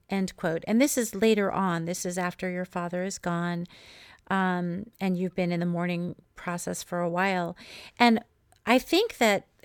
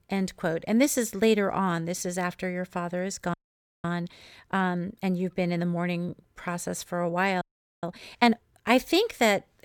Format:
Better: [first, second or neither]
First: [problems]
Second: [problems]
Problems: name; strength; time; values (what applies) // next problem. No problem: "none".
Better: first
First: none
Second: audio freezing; at 3.5 s for 0.5 s and at 7.5 s